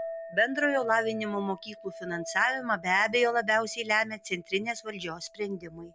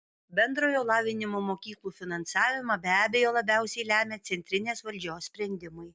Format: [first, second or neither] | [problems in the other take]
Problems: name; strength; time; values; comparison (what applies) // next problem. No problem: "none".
second | background sound (Chink, clink); 14 dB below the speech